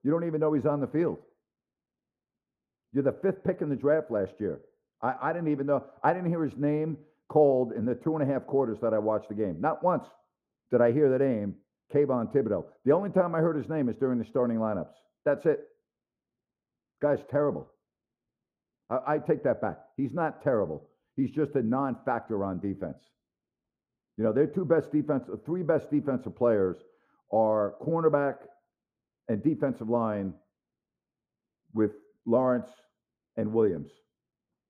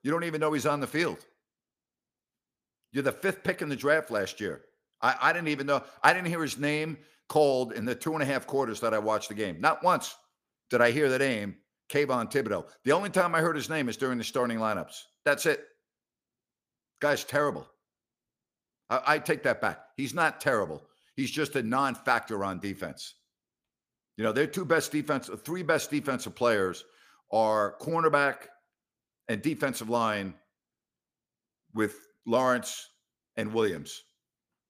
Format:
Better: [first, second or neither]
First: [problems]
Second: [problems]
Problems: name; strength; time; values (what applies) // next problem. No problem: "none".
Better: second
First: muffled; very; fading above 1.5 kHz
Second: none